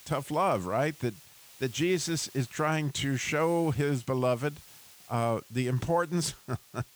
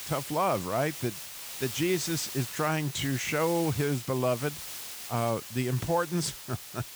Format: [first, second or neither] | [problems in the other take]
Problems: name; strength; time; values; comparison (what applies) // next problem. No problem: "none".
first | hiss; loud; throughout; 8 dB below the speech; faint in the first